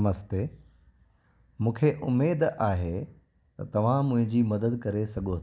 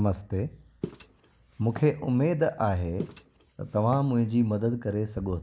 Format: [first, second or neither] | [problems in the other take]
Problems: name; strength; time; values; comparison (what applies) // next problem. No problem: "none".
first | background sound (Walk, footsteps); 16 dB below the speech